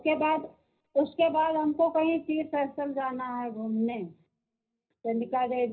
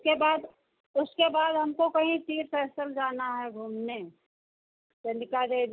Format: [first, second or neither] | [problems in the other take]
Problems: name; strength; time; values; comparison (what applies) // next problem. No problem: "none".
second | room echo; dies away in 0.5 s